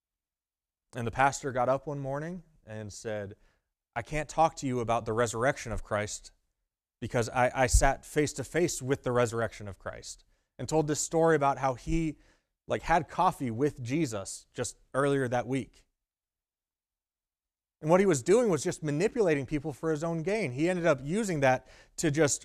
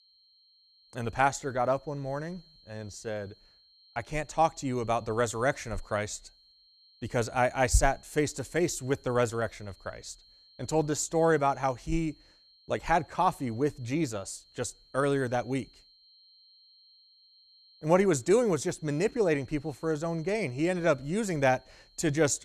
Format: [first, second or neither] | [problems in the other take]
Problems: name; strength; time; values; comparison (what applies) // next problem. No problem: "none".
first | high-pitched whine; faint; throughout; 4 kHz, 30 dB below the speech